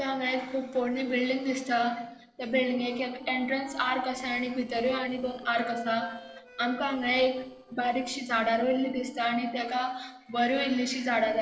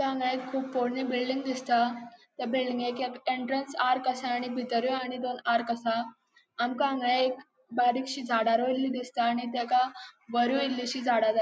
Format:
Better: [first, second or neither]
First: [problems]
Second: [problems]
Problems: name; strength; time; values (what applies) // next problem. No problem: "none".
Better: second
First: noise reduction (neural separator model SepFormer DNS4)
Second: none